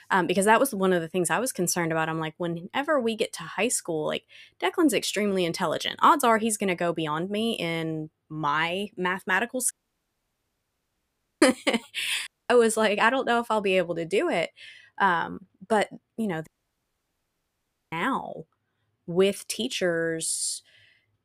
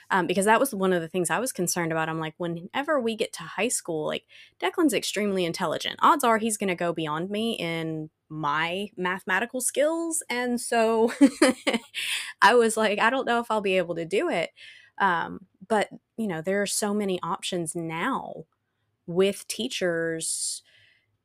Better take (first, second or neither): second